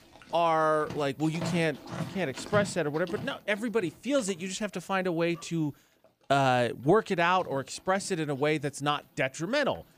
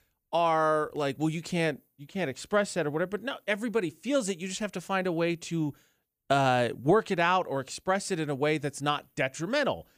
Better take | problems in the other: second | animal sounds; noticeable; throughout; 15 dB below the speech

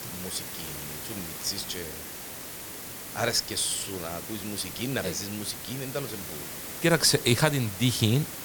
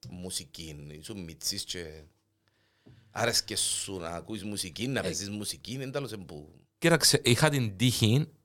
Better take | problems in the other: second | hiss; loud; throughout; 9 dB below the speech

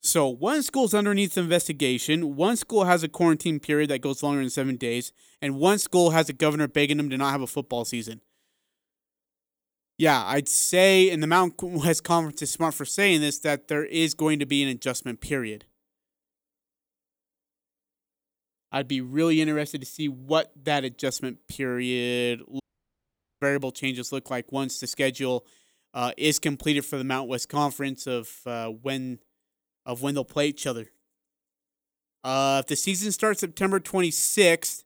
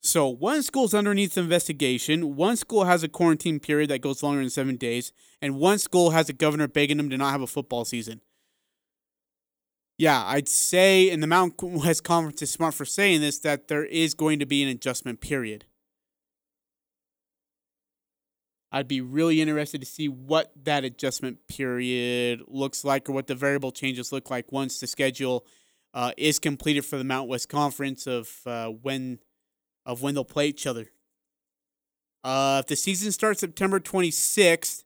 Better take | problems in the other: second | audio cutting out; at 23 s for 1 s

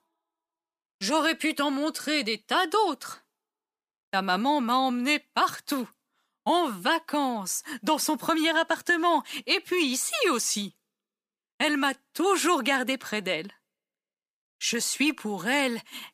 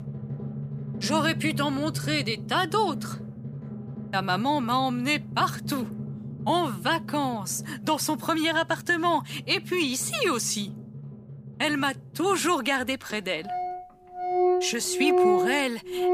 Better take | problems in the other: first | background music; loud; throughout; 6 dB below the speech

